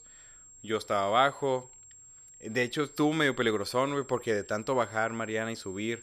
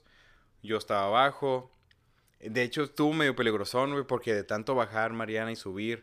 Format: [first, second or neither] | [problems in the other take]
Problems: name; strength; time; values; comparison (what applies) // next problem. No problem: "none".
second | high-pitched whine; noticeable; throughout; 7.5 kHz, 20 dB below the speech